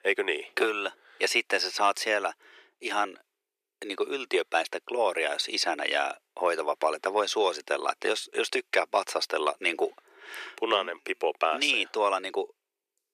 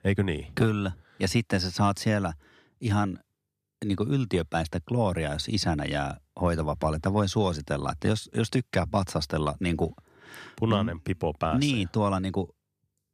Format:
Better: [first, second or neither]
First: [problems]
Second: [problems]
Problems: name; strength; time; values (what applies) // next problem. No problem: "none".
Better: second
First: thin; very; fading below 350 Hz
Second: none